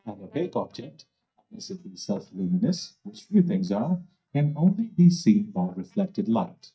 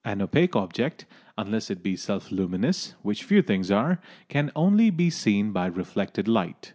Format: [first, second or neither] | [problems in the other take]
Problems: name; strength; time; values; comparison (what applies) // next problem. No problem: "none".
second | noise reduction (neural mask model DeepFilterNet 3)